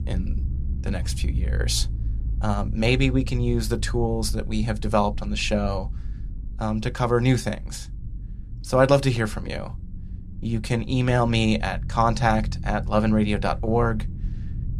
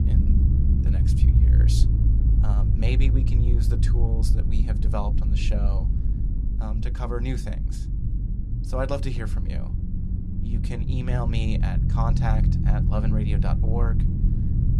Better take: first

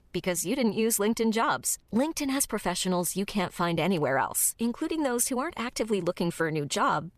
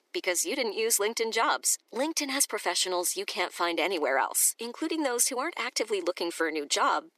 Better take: first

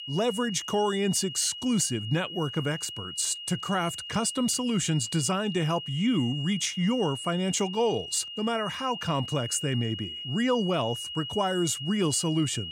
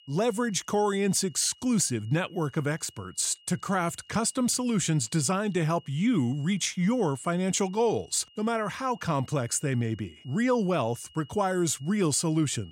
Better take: second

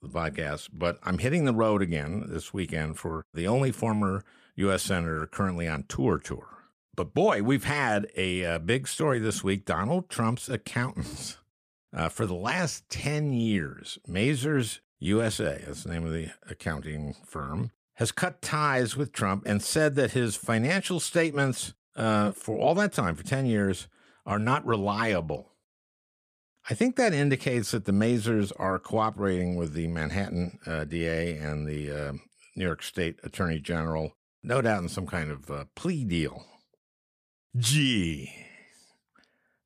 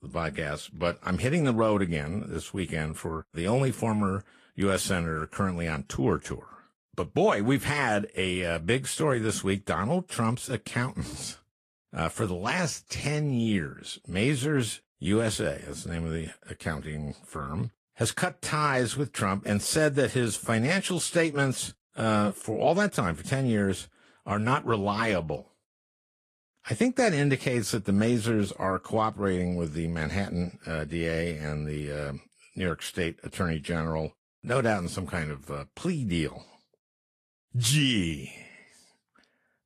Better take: first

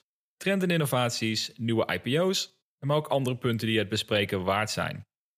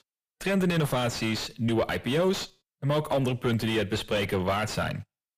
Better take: first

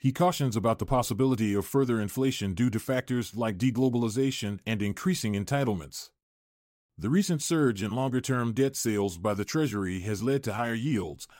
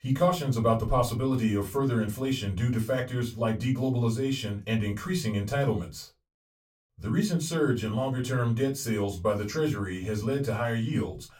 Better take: first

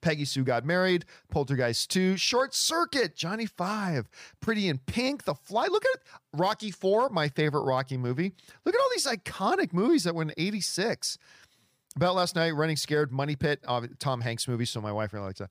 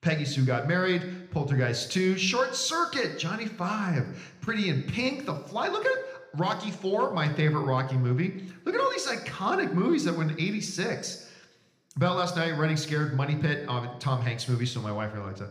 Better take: first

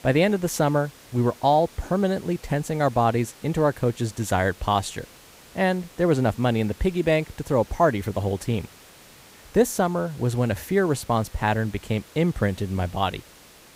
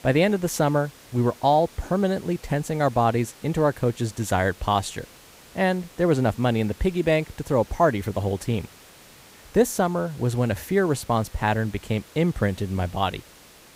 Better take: neither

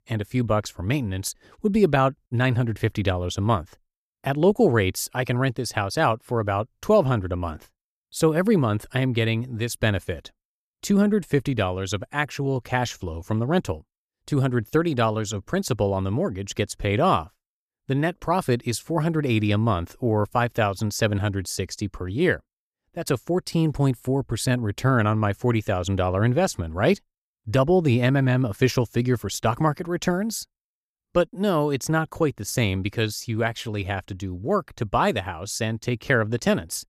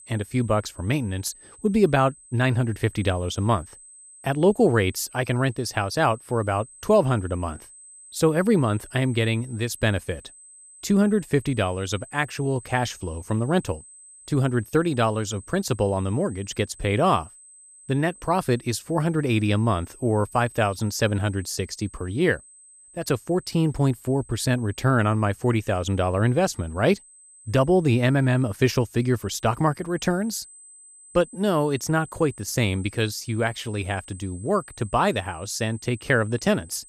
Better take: first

